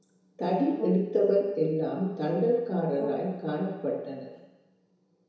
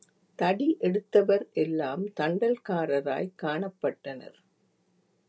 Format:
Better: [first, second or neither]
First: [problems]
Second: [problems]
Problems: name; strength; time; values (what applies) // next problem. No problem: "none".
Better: second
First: background sound (Brass instrument); 14 dB below the speech // room echo; dies away in 1 s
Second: none